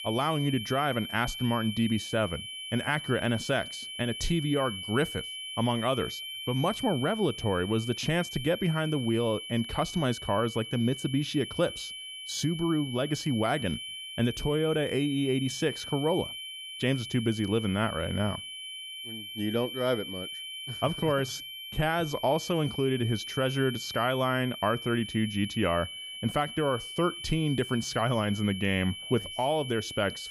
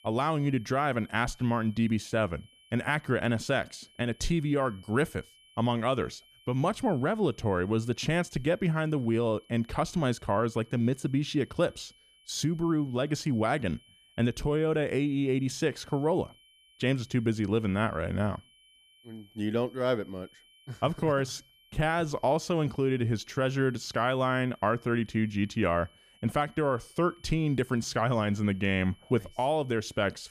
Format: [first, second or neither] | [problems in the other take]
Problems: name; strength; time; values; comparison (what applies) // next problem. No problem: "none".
second | high-pitched whine; loud; throughout; 3 kHz, 8 dB below the speech; faint in the second